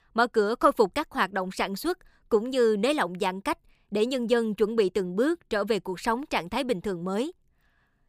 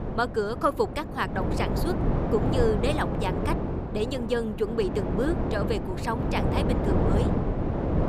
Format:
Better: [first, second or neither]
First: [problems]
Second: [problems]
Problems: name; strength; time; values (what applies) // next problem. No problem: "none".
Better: first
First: none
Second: wind noise on the microphone; heavy; 3 dB below the speech